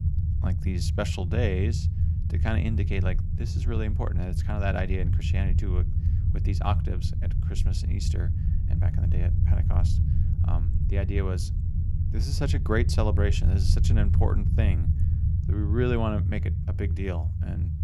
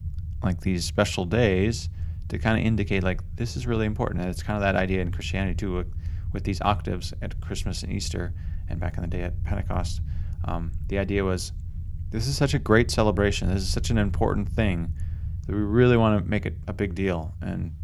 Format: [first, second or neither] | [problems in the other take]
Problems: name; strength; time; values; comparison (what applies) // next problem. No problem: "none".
second | low rumble; loud; throughout; 7 dB below the speech; faint in the second